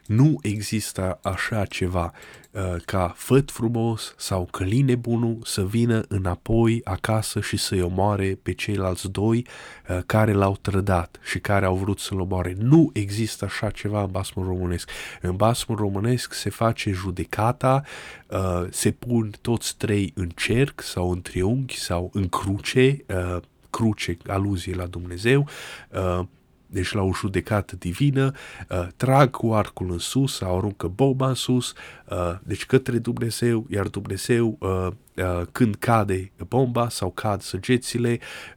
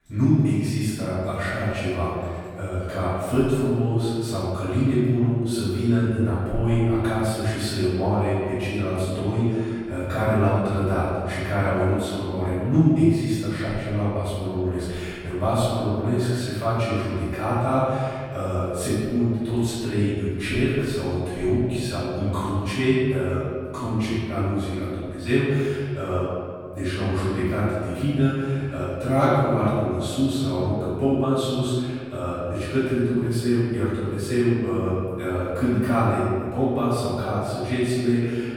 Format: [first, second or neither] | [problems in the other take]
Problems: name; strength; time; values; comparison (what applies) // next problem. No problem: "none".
first | off-mic speech; far // room echo; strong; dies away in 1.9 s